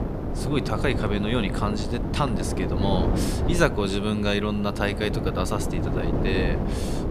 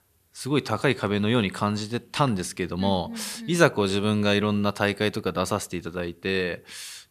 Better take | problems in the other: second | wind noise on the microphone; heavy; 5 dB below the speech

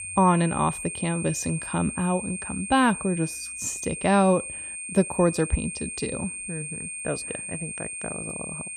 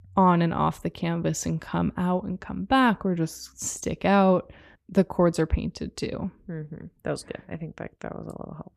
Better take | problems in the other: second | high-pitched whine; loud; throughout; 8.5 kHz, 7 dB below the speech

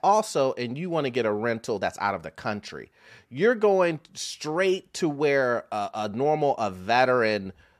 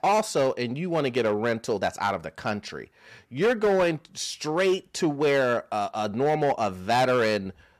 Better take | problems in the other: first | distortion; slight; 7% of the sound clipped

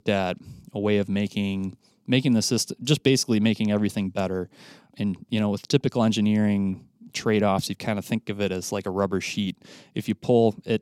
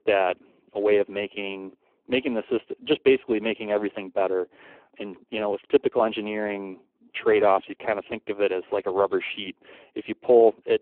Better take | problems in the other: first | phone-call audio; poor line

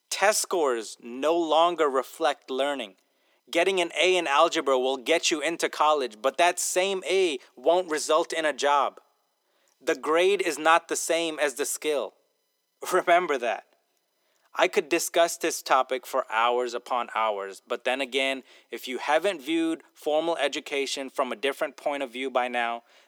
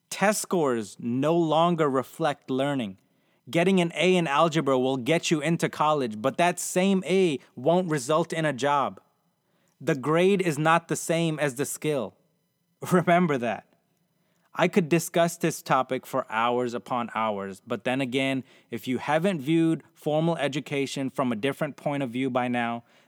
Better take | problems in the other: second | thin; very; fading below 350 Hz

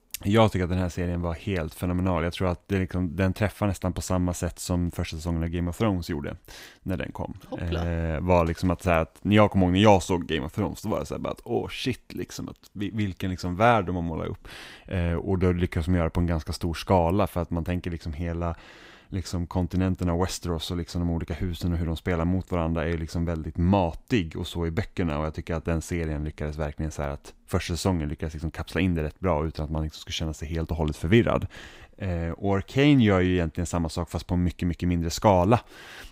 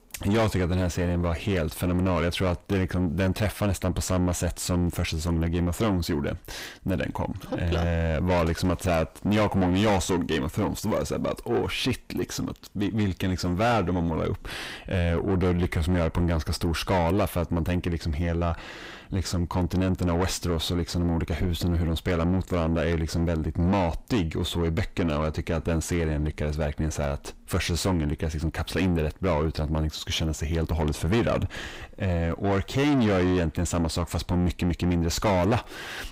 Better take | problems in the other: first | distortion; heavy; 5 dB below the speech

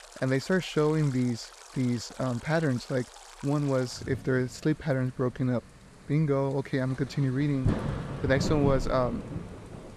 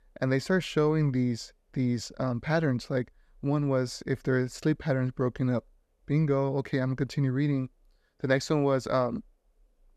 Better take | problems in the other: second | rain or running water; loud; throughout; 9 dB below the speech

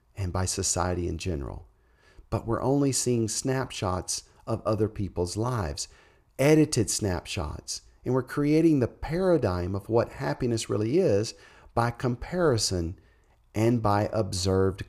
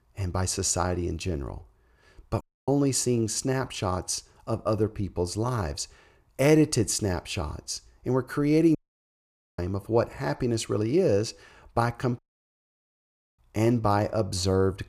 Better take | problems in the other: first | audio cutting out; at 2.5 s, at 9 s for 1 s and at 12 s for 1 s

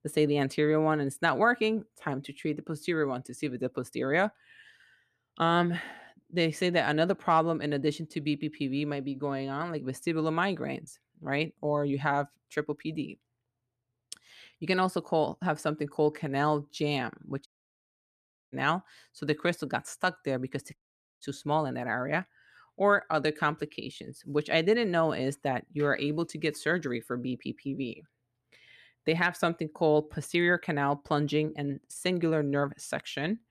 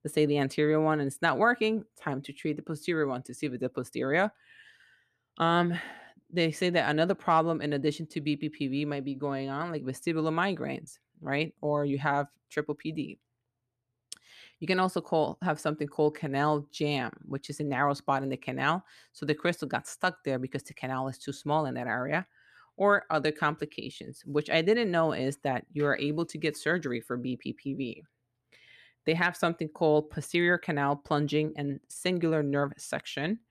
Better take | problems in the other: second | audio cutting out; at 17 s for 1 s and at 21 s

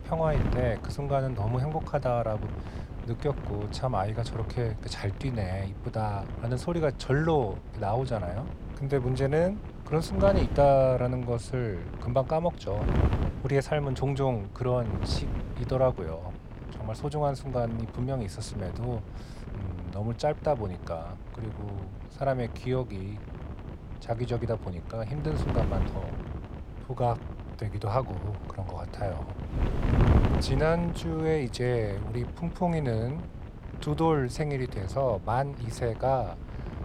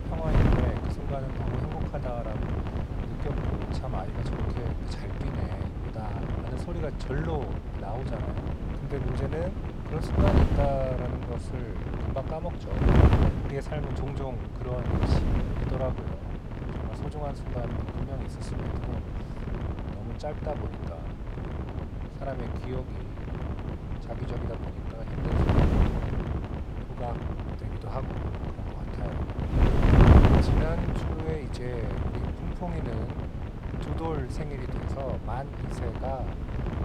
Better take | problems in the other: first | wind noise on the microphone; heavy; 2 dB above the speech; occasional gusts in the first

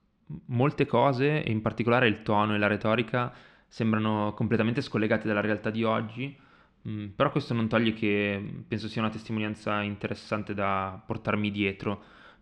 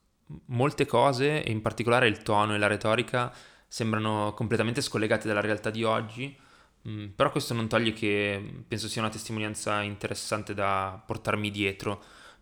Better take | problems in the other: second | muffled; slightly; fading above 3 kHz

